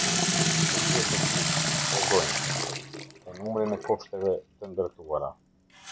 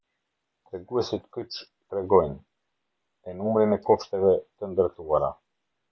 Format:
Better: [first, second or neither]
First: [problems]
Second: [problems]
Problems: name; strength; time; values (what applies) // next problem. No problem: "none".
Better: second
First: background sound (Sink (filling or washing) / Water tap, faucet); 4 dB above the speech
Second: none